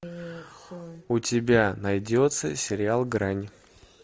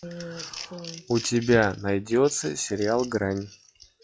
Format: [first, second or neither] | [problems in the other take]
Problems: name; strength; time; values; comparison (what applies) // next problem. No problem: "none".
first | noise reduction (classical method log-MMSE)